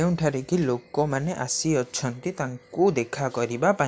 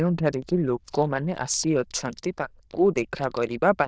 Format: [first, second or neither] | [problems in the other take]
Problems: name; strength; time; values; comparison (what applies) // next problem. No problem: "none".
first | noise reduction (neural diffusion model UNIVERSE++)